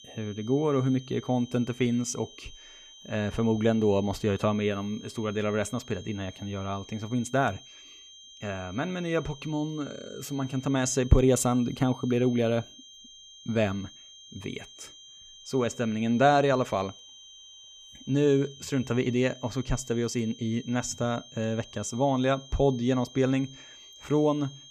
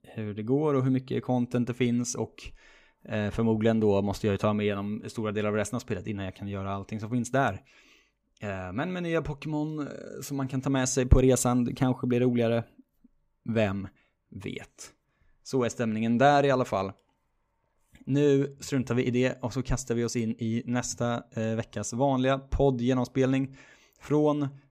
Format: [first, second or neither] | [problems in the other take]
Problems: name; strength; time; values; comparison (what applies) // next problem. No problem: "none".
second | high-pitched whine; noticeable; throughout; 3 kHz, 20 dB below the speech